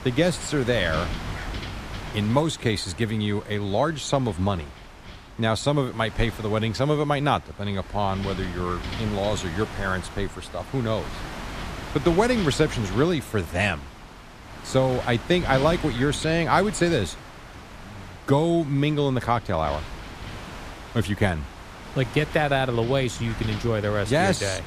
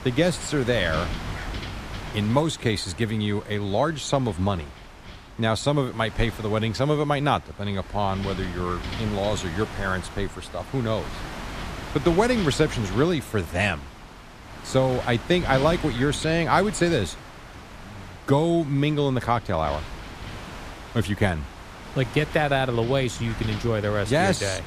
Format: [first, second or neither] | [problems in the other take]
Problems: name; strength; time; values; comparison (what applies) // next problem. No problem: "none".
neither | wind noise on the microphone; occasional gusts; 10 dB below the speech; the same in both